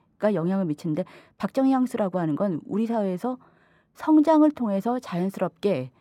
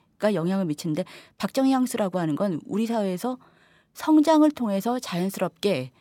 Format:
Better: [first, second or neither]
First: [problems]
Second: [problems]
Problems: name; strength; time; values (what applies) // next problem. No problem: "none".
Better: second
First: muffled; slightly; fading above 2.5 kHz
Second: none